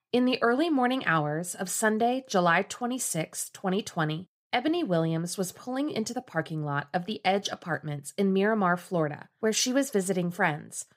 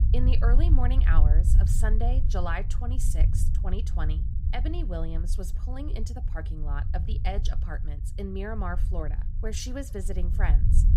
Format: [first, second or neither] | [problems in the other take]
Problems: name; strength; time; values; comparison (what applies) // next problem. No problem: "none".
first | low rumble; loud; throughout; 8 dB below the speech